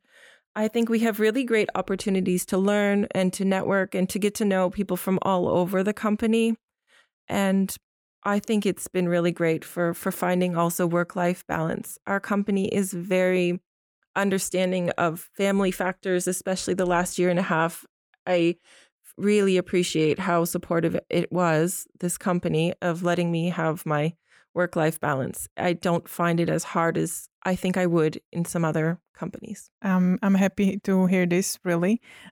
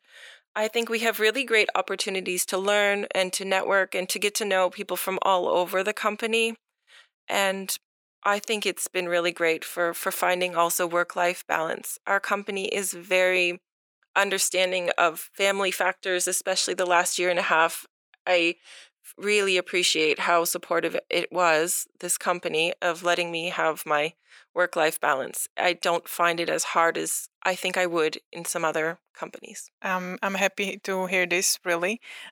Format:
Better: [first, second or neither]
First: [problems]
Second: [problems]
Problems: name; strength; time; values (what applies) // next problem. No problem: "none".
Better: first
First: none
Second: thin; very; fading below 550 Hz